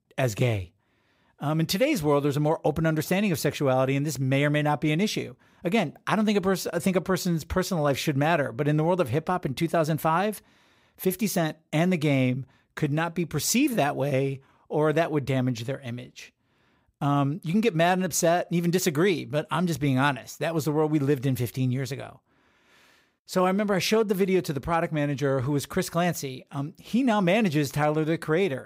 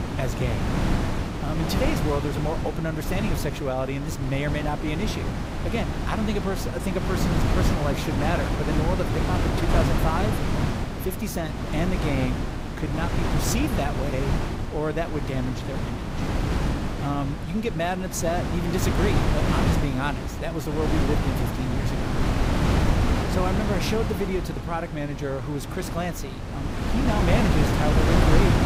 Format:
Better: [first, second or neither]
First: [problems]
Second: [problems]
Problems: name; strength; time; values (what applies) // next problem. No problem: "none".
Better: first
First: none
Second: wind noise on the microphone; heavy; as loud as the speech